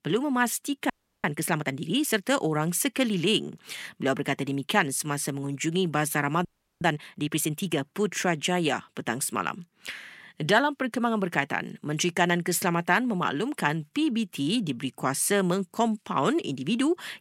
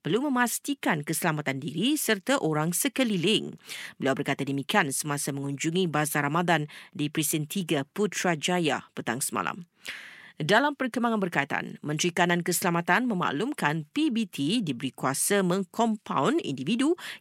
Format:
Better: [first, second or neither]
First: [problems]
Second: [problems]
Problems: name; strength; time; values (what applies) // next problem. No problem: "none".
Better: second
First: audio freezing; at 1 s and at 6.5 s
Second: none